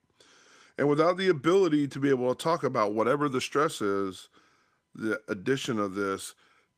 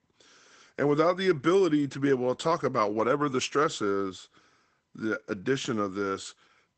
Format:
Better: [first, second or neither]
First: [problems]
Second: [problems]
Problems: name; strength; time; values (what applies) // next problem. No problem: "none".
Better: first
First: garbled, watery; slightly; nothing above 14.5 kHz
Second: garbled, watery; badly; nothing above 8 kHz